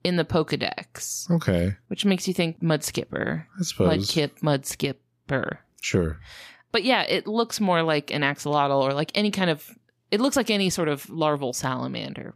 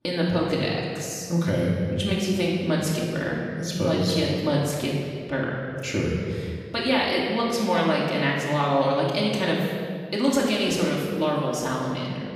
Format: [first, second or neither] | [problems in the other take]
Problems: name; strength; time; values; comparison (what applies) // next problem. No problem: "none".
first | off-mic speech; far // room echo; noticeable; dies away in 1.9 s